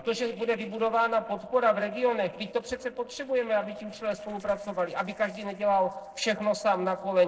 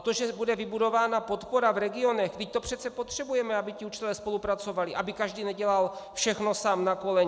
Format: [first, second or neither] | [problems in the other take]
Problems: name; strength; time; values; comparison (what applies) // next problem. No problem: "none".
second | noise reduction (neural separator model SepFormer DNS4)